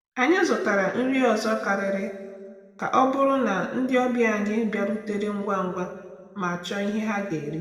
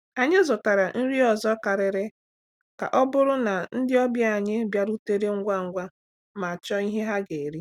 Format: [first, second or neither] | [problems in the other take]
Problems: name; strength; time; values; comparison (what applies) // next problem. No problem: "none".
second | room echo; dies away in 1.3 s